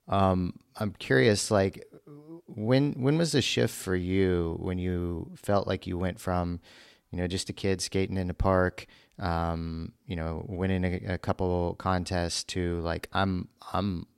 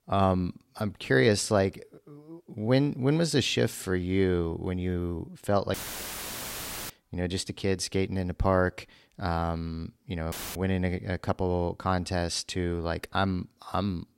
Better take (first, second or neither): first